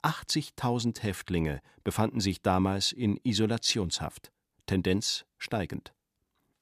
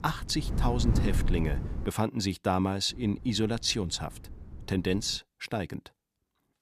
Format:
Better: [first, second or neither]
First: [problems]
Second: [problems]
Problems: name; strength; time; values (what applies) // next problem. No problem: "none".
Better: first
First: none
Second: wind noise on the microphone; heavy; until 2 s and from 3 to 5 s; 10 dB below the speech